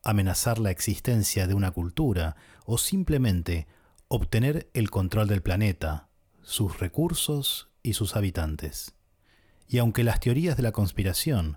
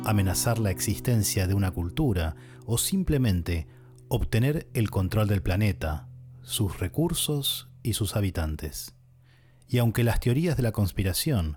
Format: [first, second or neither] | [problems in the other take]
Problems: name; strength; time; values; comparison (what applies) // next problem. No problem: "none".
first | background music; noticeable; throughout; 20 dB below the speech